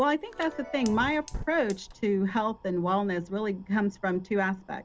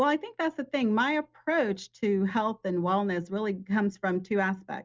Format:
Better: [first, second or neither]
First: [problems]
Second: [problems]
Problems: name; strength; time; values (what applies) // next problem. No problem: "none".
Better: second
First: background sound (Fire + Chime); 16 dB below the speech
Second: none